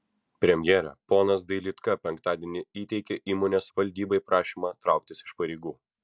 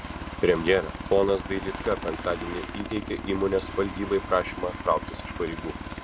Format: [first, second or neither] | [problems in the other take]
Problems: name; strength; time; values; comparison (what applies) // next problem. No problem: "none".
first | background sound (Aircraft); 8 dB below the speech